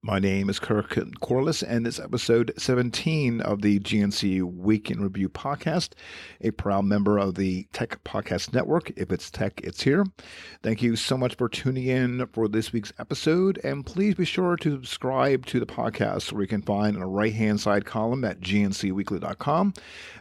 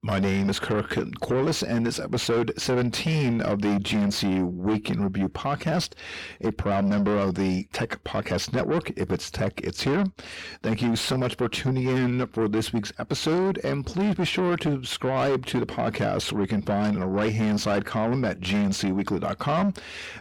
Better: first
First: none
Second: distortion; heavy; 8 dB below the speech

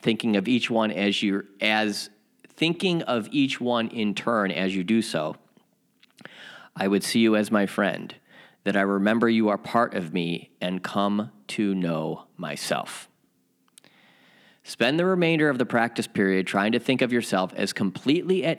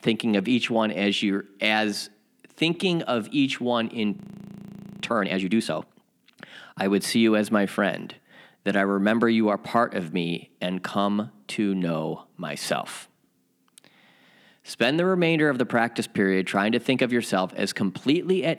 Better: first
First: none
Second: audio freezing; at 4 s for 1 s

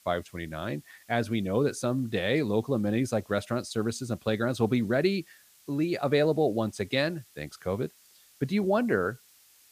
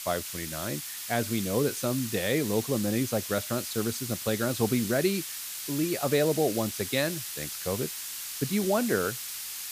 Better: first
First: hiss; faint; throughout; 30 dB below the speech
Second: hiss; loud; throughout; 5 dB below the speech

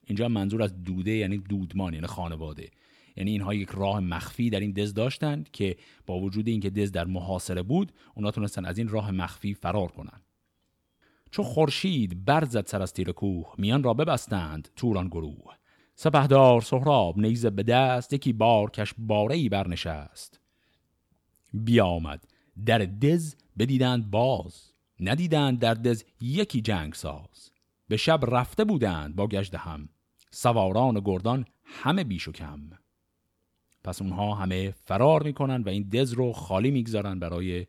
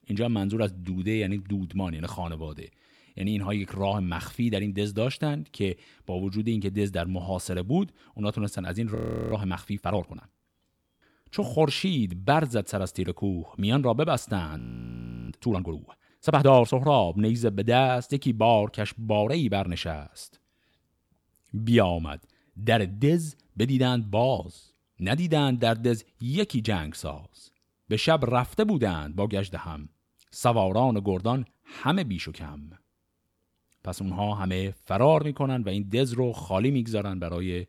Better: first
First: none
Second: audio freezing; at 9 s and at 15 s for 0.5 s

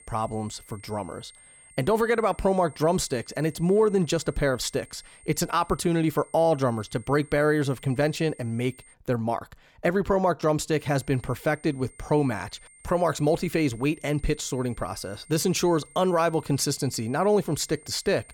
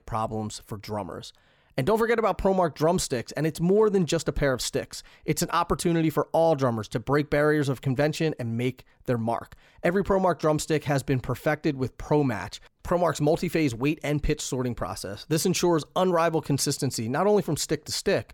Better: second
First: high-pitched whine; faint; until 9 s and from 11 s on; 8.5 kHz, 25 dB below the speech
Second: none

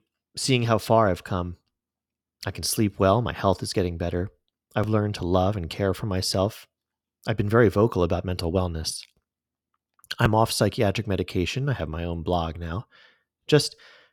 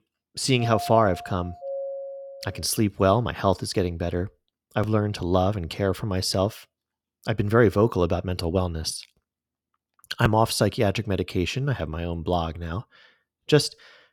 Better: first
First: none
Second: doorbell; noticeable; from 0.5 to 2.5 s; peak 8 dB below the speech

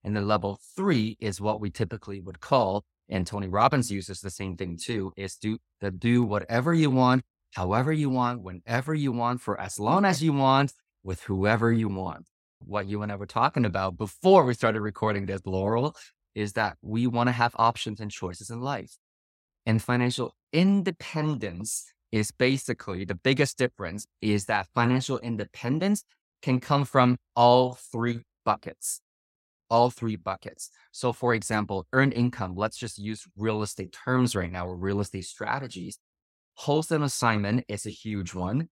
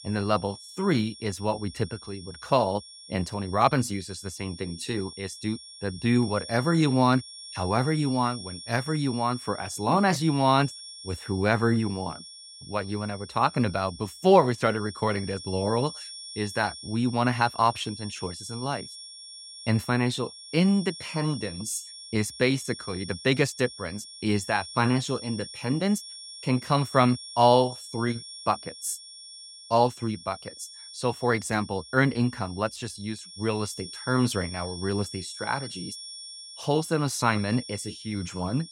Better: first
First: none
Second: high-pitched whine; noticeable; throughout; 5.5 kHz, 15 dB below the speech

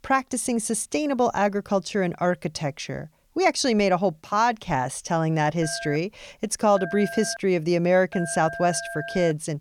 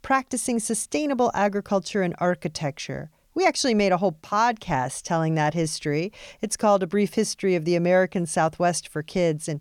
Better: second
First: phone ringing; noticeable; from 5.5 s on; peak 10 dB below the speech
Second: none

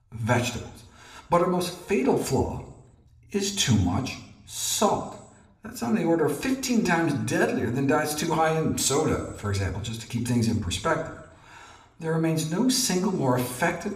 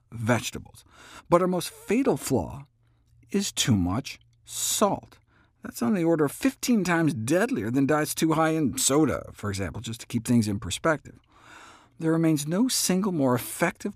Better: second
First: room echo; slight; dies away in 0.7 s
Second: none

